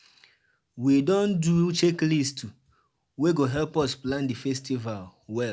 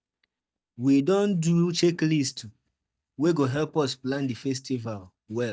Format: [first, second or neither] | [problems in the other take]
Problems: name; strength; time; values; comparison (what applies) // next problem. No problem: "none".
first | noise reduction (neural mask model DeepFilterNet 3)